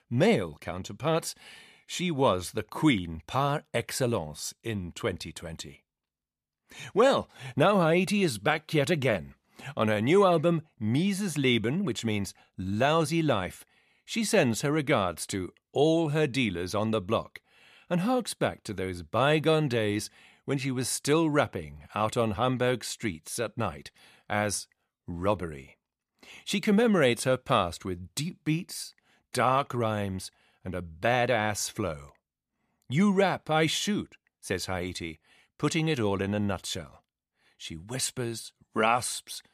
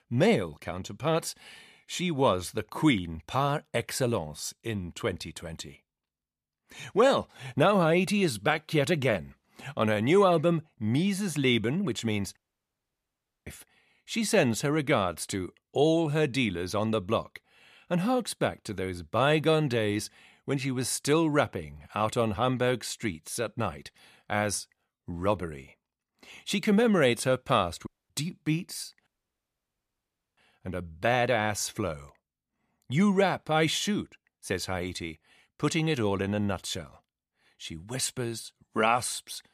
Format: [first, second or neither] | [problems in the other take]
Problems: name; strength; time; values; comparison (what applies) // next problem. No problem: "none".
first | audio cutting out; at 12 s for 1 s, at 28 s and at 29 s for 1.5 s